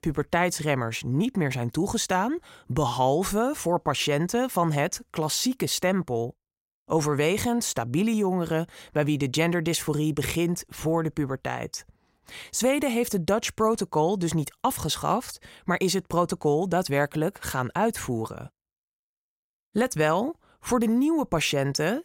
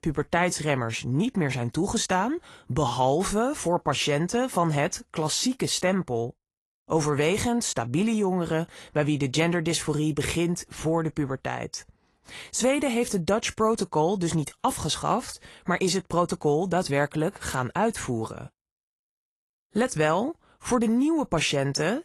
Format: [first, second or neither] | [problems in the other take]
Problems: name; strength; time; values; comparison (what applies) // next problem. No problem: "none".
first | garbled, watery; slightly; nothing above 11.5 kHz